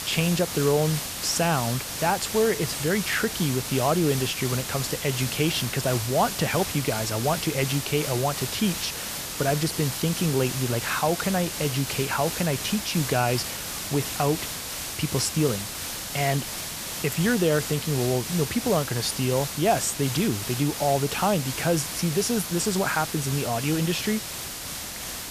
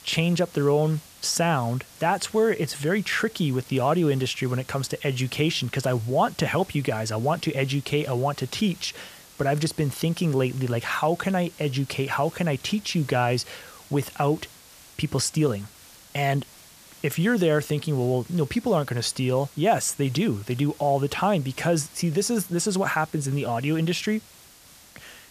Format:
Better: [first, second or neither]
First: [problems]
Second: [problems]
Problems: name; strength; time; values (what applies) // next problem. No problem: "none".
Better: second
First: hiss; loud; throughout; 5 dB below the speech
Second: hiss; faint; throughout; 20 dB below the speech